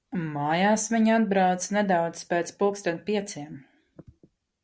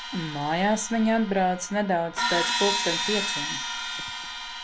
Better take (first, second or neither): first